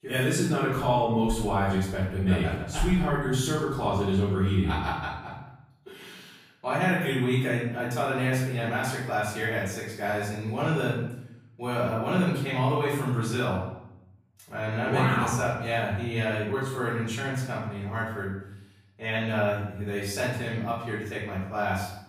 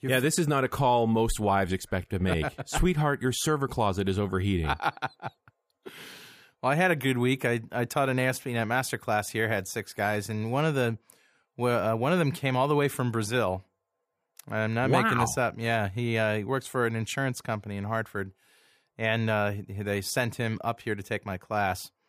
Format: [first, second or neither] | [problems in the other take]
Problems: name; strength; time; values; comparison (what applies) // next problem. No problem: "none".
second | off-mic speech; far // room echo; noticeable; dies away in 0.7 s